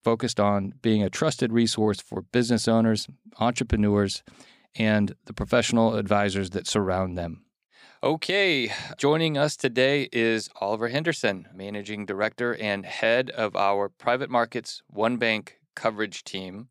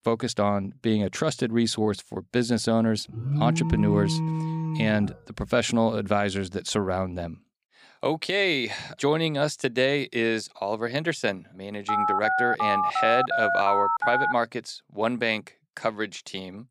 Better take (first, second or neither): first